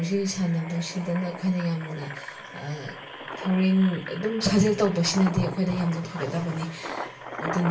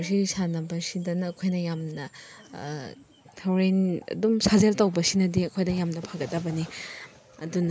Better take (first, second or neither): second